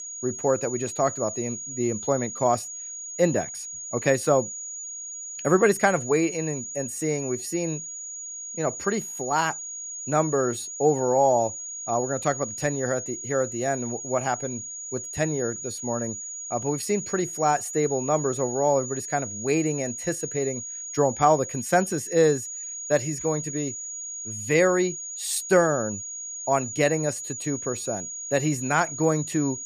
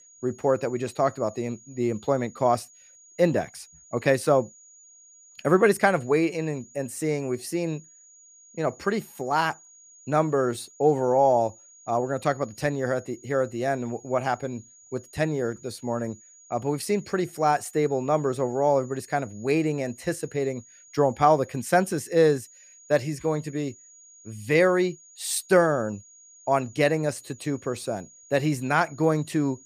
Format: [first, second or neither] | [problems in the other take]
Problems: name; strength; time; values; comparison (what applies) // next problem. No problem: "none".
second | high-pitched whine; loud; throughout; 7 kHz, 7 dB below the speech; faint in the second